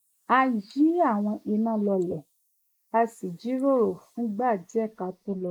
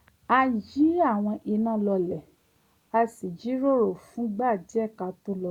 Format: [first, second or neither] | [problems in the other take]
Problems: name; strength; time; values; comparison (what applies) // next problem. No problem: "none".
second | noise reduction (neural mask model Resemble Enhance denoiser)